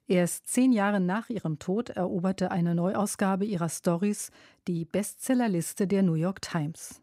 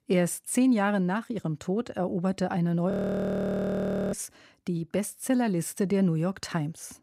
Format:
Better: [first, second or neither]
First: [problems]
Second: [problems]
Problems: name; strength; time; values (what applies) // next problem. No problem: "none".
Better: first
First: none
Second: audio freezing; at 3 s for 1 s